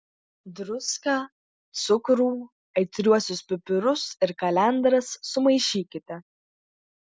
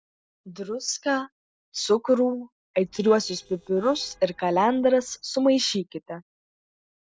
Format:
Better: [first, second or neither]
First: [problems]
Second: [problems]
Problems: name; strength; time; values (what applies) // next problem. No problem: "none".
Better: first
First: none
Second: noise reduction (neural separator model SepFormer DNS4)